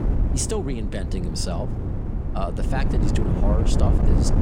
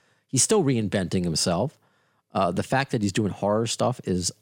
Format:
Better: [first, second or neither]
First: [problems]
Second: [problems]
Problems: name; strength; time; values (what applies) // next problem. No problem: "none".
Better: second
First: wind noise on the microphone; heavy; 3 dB below the speech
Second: none